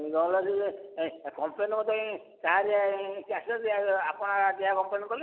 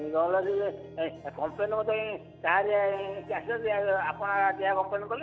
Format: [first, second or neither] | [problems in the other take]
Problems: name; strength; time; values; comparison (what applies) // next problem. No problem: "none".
first | background sound (Harp + Guitar); 19 dB below the speech